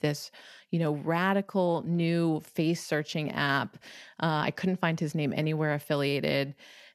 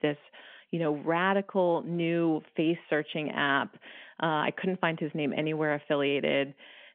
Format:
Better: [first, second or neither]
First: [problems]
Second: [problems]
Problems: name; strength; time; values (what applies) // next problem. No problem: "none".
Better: first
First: none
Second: phone-call audio; nothing above 3.5 kHz